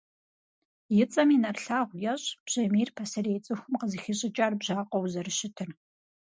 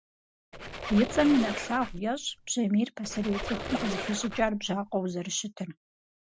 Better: first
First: none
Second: background sound (Squeak); 8 dB below the speech

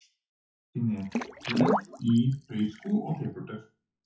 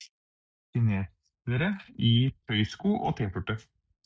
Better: second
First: noise reduction (classical method WPE with log-MMSE)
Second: none

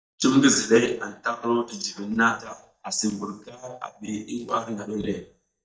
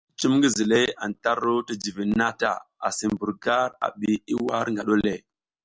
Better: second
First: noise reduction (neural mask model DeepFilterNet 3)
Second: none

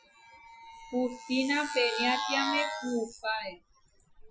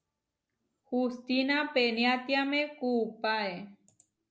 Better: second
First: noise reduction (classical method Wiener filter)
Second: none

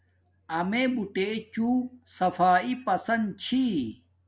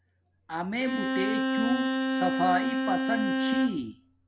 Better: first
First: none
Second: background sound (Bowed string instrument); 2 dB above the speech

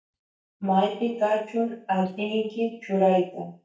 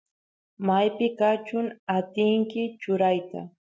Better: second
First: noise reduction (neural mask model DeepFilterNet 3)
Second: none

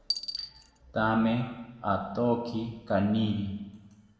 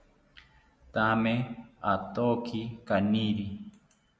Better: second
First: background sound (Coin (dropping)); 11 dB below the speech // room echo; dies away in 1 s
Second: none

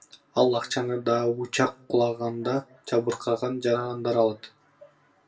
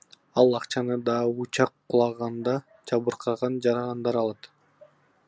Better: second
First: room echo; dies away in 0.2 s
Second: none

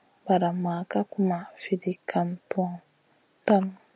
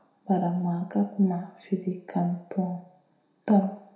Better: first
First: none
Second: room echo; dies away in 0.6 s

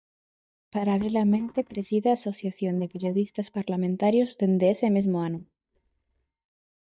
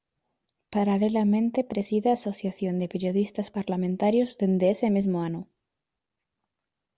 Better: second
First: noise reduction (neural mask model DeepFilterNet 3)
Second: none

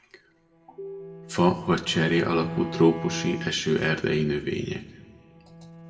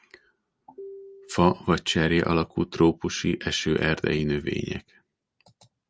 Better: second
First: background sound (Bowed string instrument); 13 dB below the speech // room echo; dies away in 1.2 s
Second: none

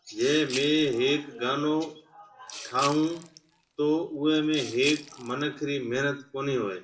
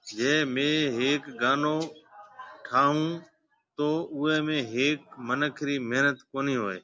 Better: second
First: background sound (Rattle (instrument)); 15 dB below the speech // room echo; dies away in 0.4 s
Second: none

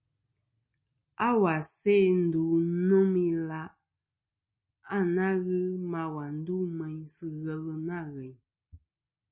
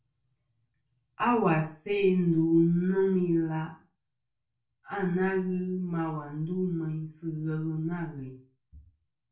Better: first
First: none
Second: room echo; dies away in 0.4 s

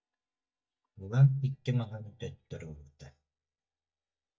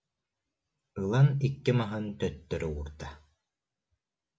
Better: second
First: noise reduction (neural mask model DeepFilterNet 3)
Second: none

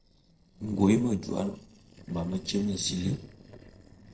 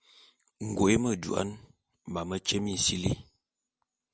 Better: second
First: noise reduction (neural separator model SepFormer DNS4)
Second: none

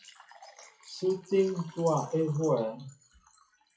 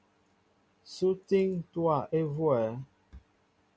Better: second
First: noise reduction (classical method WPE with log-MMSE)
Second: none

